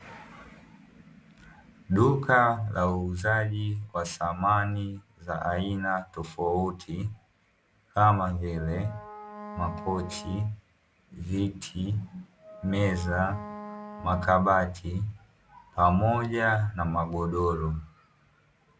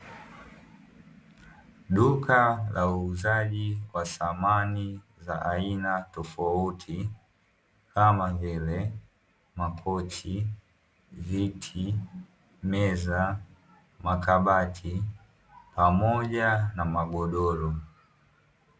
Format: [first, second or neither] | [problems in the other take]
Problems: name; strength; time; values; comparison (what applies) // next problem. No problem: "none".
second | background sound (Wind instrument, woodwind instrument); 16 dB below the speech